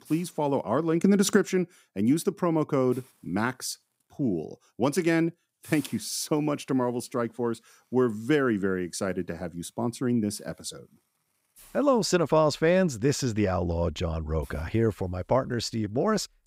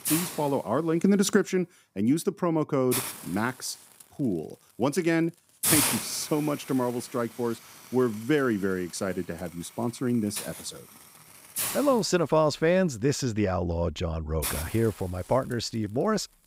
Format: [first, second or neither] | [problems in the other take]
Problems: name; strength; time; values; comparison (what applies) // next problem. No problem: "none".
first | hiss; loud; throughout; 3 dB below the speech; faint in the first